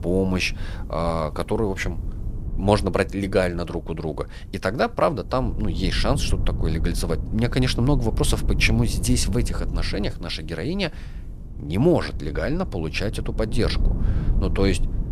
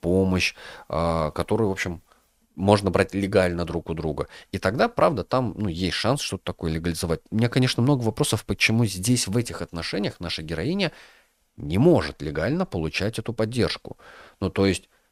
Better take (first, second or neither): second